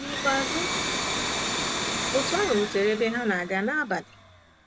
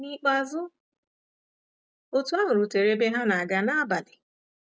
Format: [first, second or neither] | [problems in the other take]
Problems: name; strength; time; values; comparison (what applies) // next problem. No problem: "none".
second | background sound (Domestic sounds, home sounds); 2 dB below the speech